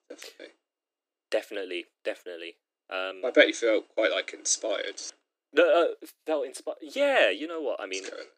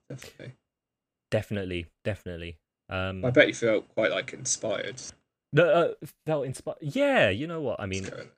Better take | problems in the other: second | thin; somewhat; fading below 300 Hz

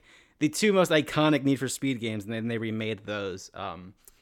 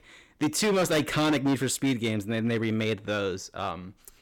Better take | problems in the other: first | distortion; heavy; 11% of the sound clipped

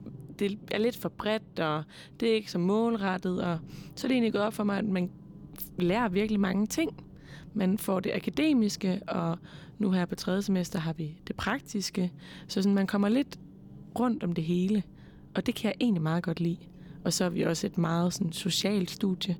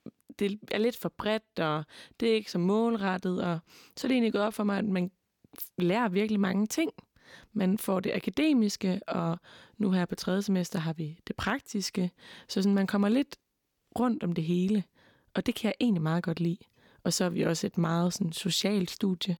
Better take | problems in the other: second | low rumble; faint; throughout; 25 dB below the speech

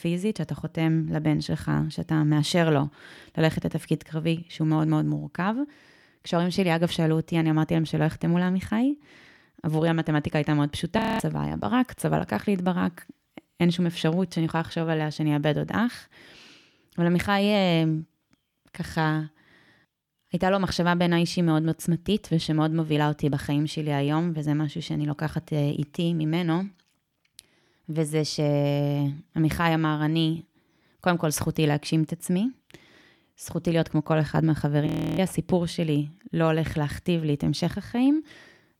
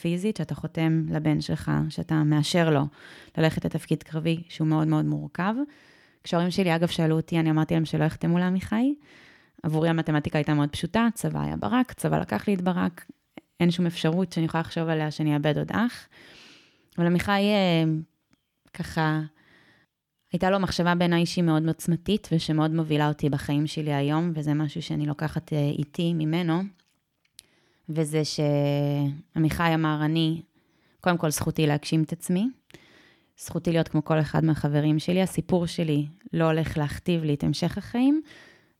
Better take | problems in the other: second | audio freezing; at 11 s and at 35 s

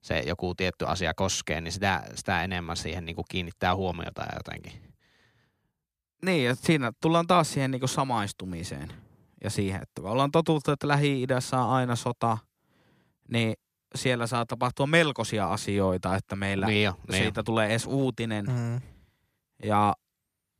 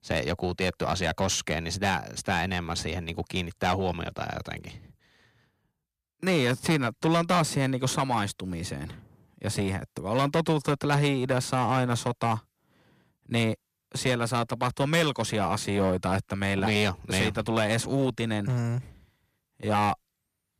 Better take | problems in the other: first | distortion; slight; 6% of the sound clipped

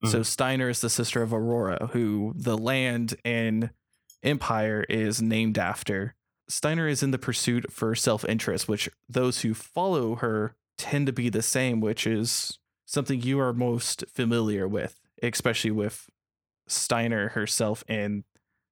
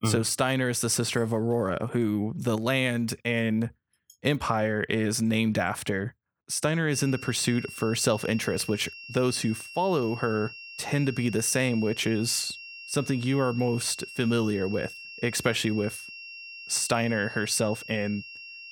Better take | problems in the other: first | high-pitched whine; noticeable; from 7 s on; 2.5 kHz, 15 dB below the speech

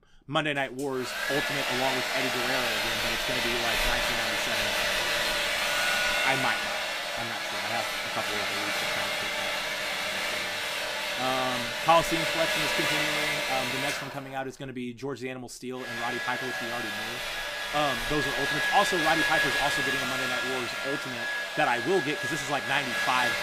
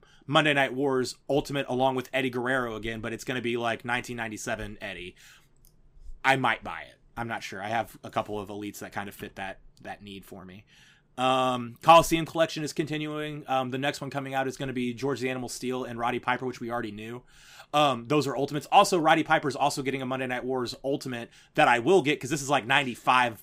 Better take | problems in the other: second | household noises; very loud; throughout; 4 dB above the speech

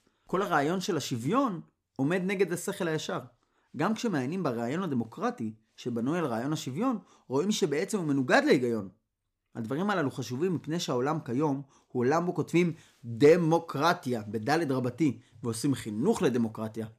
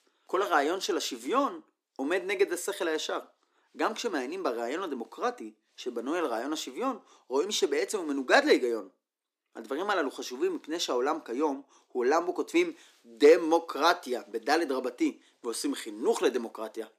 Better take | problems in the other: first | thin; somewhat; fading below 300 Hz

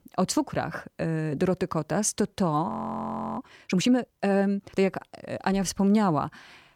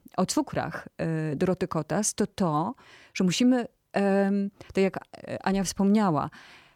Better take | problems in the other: second | audio freezing; at 2.5 s for 0.5 s

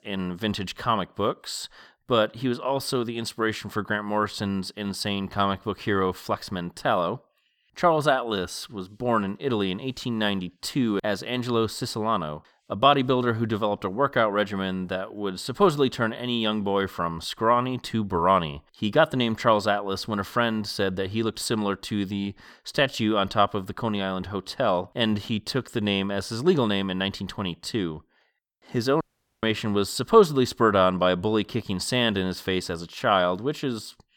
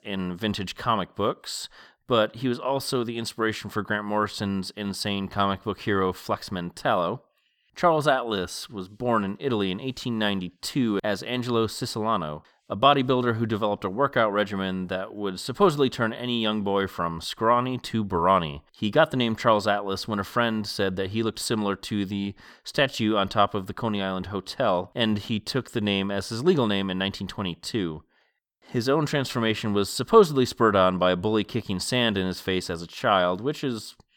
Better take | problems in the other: second | audio cutting out; at 29 s

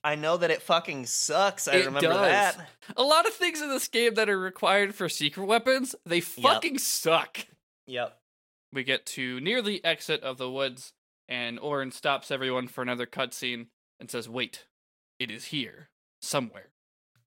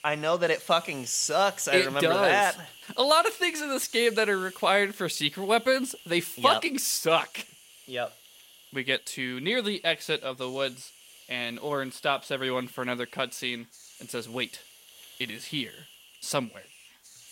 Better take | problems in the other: first | hiss; faint; throughout; 20 dB below the speech

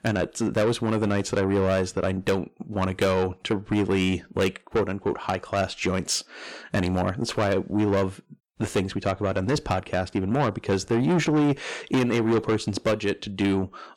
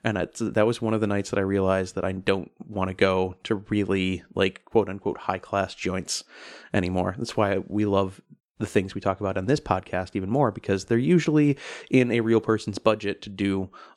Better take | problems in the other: second | distortion; heavy; 7 dB below the speech

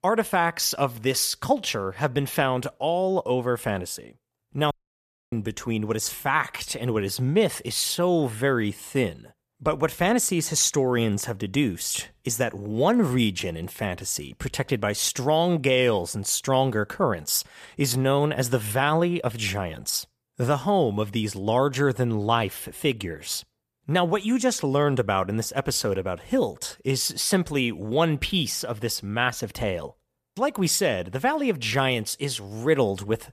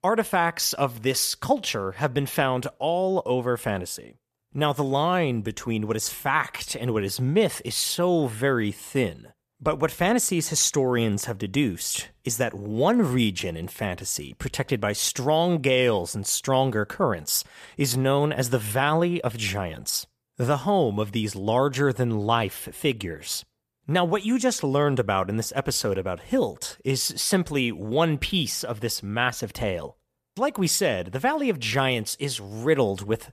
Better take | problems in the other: second | audio cutting out; at 4.5 s for 0.5 s

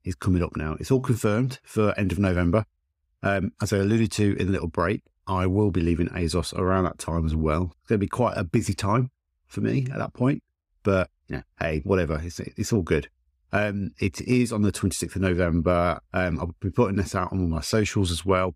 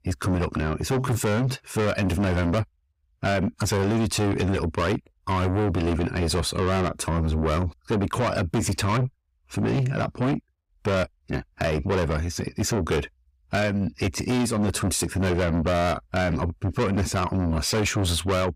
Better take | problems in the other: first | distortion; heavy; 5 dB below the speech

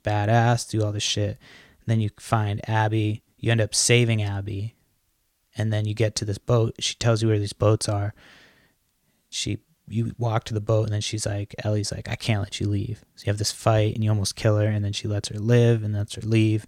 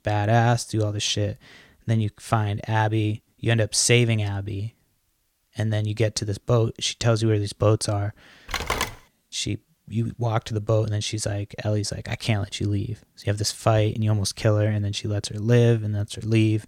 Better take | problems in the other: first | phone ringing; noticeable; at 8.5 s; peak 2 dB below the speech

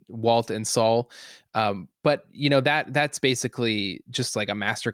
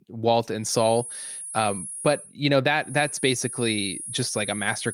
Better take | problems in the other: first | high-pitched whine; loud; from 0.5 to 2 s and from 3 s on; 10.5 kHz, 9 dB below the speech

